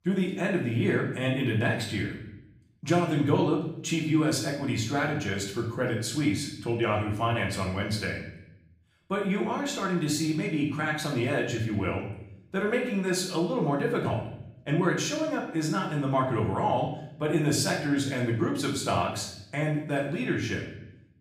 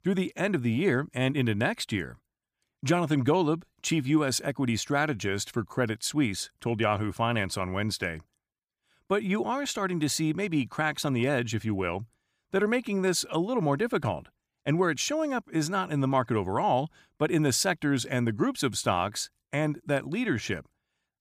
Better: second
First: room echo; noticeable; dies away in 0.7 s // off-mic speech; far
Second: none

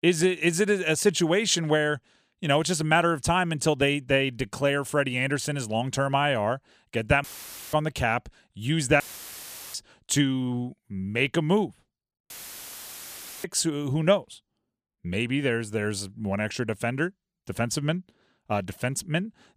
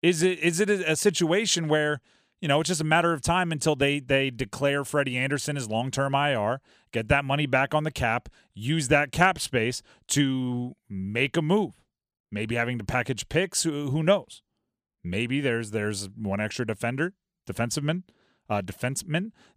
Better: second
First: audio cutting out; filled with static; at 7 s, at 9 s for 0.5 s and at 12 s for 1 s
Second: none

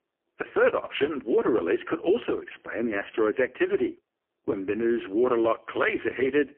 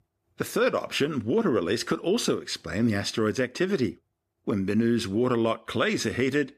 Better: second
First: phone-call audio; poor line; nothing above 3 kHz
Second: none

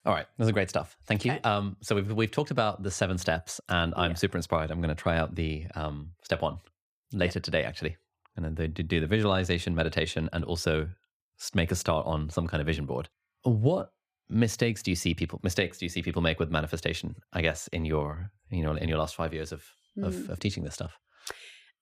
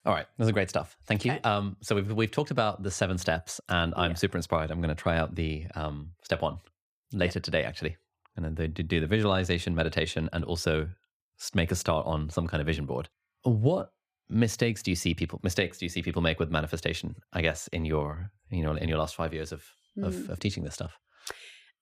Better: neither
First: none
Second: none

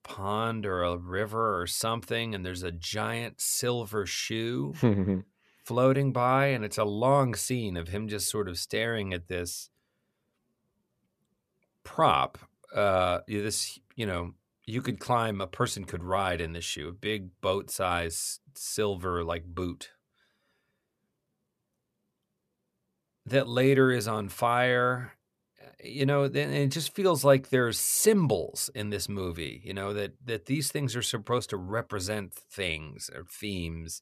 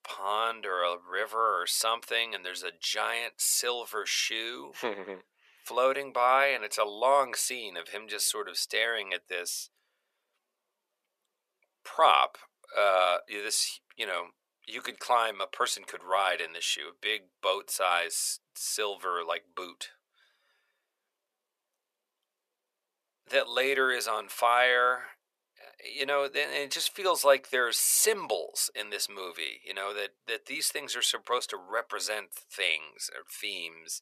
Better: first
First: none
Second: thin; very; fading below 550 Hz

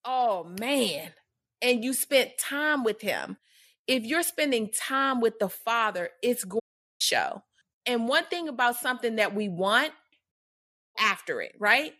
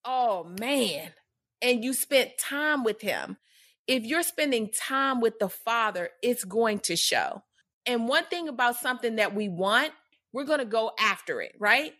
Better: second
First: audio cutting out; at 6.5 s and at 10 s for 0.5 s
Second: none

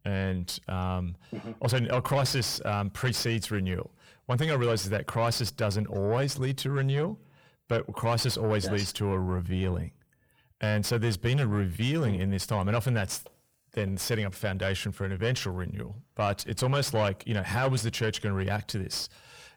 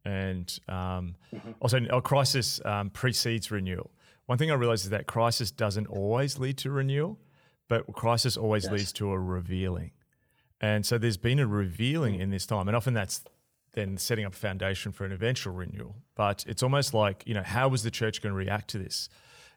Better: second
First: distortion; slight; 10 dB below the speech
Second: none

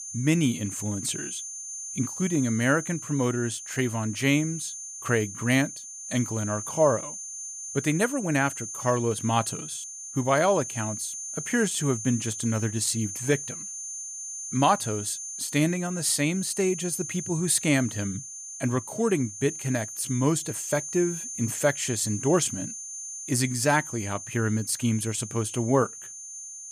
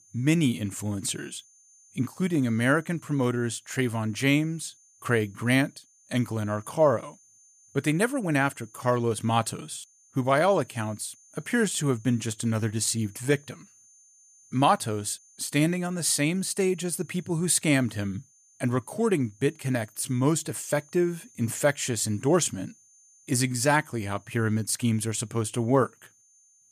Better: second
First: high-pitched whine; loud; throughout; 6.5 kHz, 8 dB below the speech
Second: high-pitched whine; faint; throughout; 6.5 kHz, 30 dB below the speech

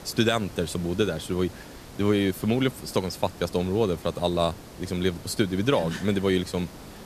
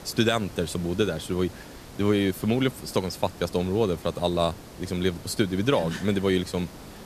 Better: neither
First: hiss; noticeable; throughout; 15 dB below the speech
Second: hiss; noticeable; throughout; 15 dB below the speech

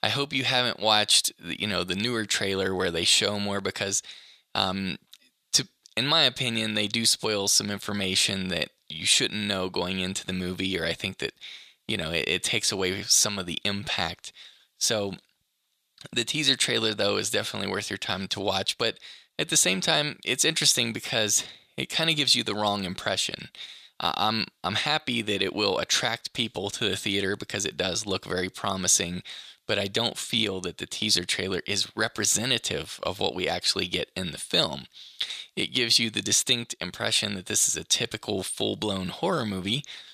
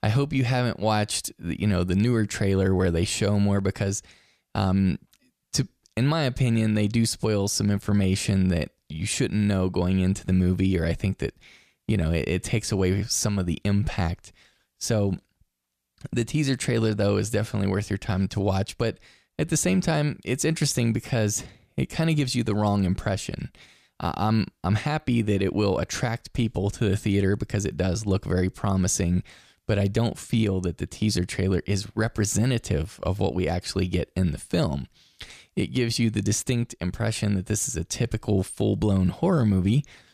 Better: second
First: thin; somewhat; fading below 900 Hz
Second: none

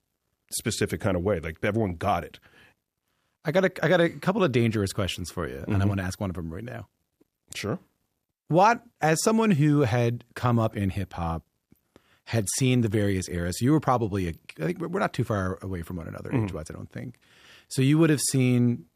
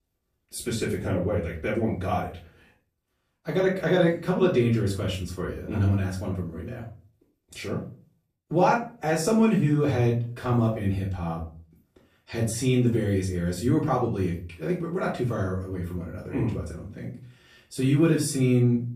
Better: first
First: none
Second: off-mic speech; far // room echo; slight; dies away in 0.4 s

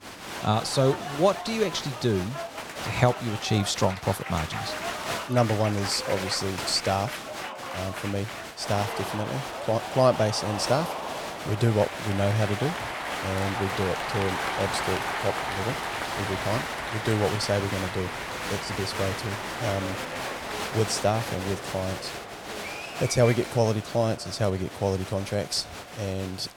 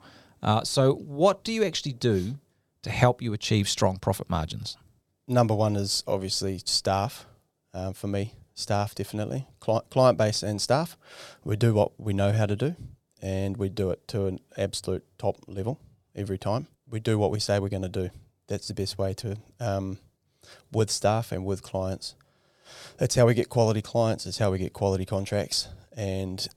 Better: second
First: crowd noise; loud; throughout; 5 dB below the speech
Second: none

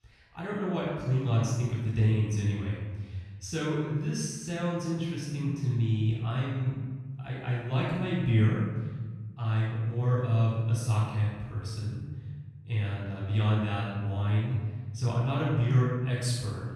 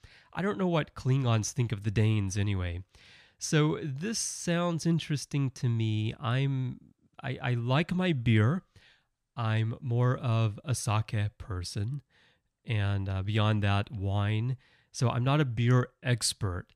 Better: second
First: room echo; strong; dies away in 1.5 s // off-mic speech; far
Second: none

